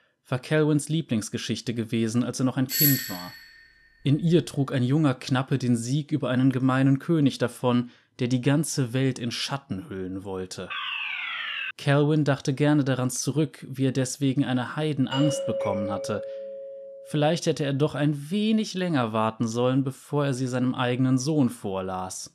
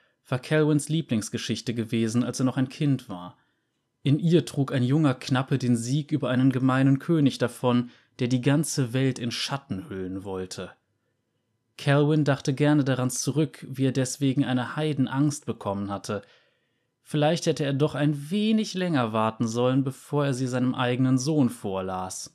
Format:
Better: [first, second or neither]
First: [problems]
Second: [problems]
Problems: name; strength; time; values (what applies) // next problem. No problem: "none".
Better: second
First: doorbell; loud; at 2.5 s; peak 4 dB above the speech // alarm; noticeable; from 11 to 12 s; peak 3 dB below the speech // doorbell; noticeable; from 15 to 17 s; peak 3 dB below the speech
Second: none